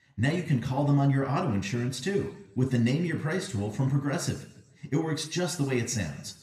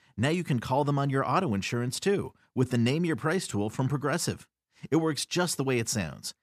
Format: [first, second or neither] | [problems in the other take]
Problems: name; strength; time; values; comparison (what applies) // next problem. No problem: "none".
second | room echo; slight; dies away in 0.8 s